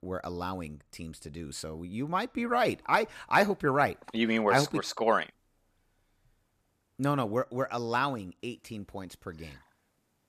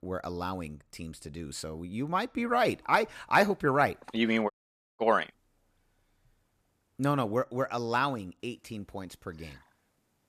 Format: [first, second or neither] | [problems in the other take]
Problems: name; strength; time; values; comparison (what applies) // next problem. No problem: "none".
first | audio cutting out; at 4.5 s